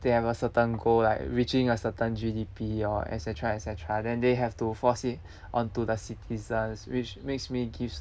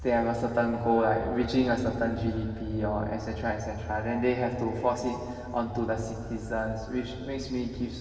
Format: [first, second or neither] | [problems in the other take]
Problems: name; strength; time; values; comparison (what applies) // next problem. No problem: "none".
first | room echo; dies away in 2.4 s